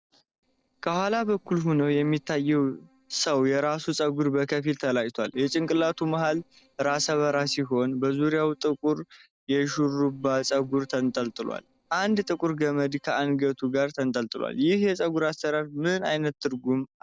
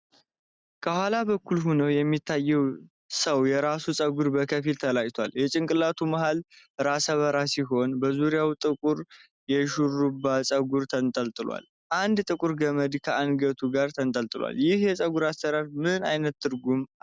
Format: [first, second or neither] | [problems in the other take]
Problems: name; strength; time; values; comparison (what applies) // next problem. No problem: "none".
second | noise reduction (neural separator model SepFormer DNS4)